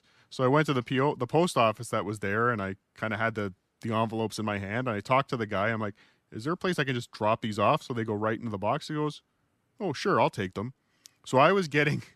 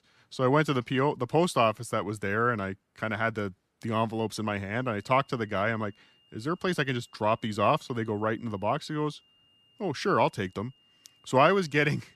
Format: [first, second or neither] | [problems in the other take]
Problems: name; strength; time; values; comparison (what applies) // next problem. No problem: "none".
first | high-pitched whine; faint; from 4.5 s on; 3 kHz, 35 dB below the speech